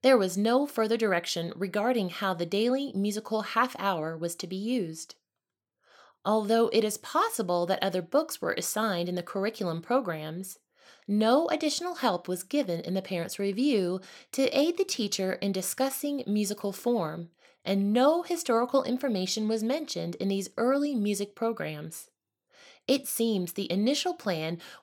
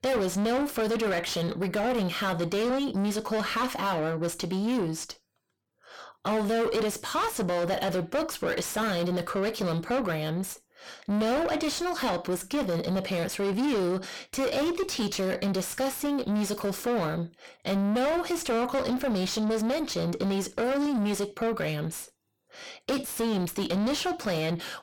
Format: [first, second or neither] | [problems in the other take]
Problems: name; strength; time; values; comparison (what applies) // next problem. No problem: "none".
first | distortion; heavy; 5 dB below the speech